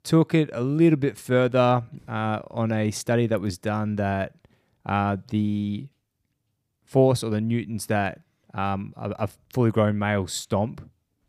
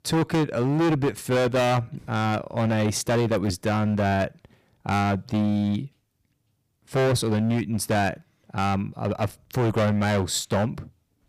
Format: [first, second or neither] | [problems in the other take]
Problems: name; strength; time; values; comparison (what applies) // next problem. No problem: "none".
first | distortion; heavy; 18% of the sound clipped